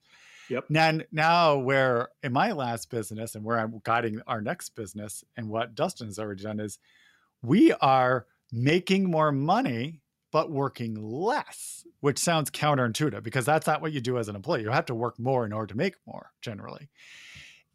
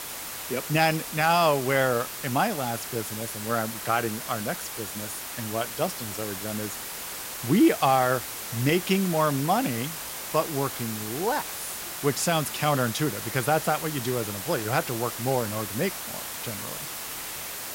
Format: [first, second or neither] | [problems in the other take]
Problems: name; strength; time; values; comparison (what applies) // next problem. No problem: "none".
first | hiss; loud; throughout; 6 dB below the speech